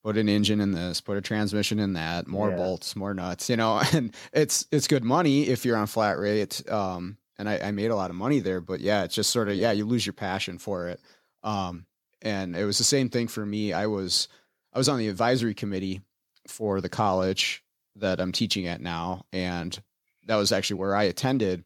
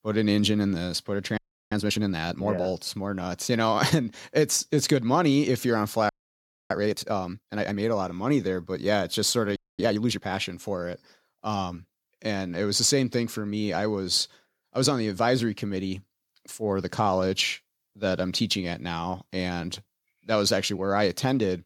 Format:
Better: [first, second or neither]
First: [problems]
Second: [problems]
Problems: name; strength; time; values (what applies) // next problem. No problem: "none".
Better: first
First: none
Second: audio freezing; at 1.5 s, at 6 s for 0.5 s and at 9.5 s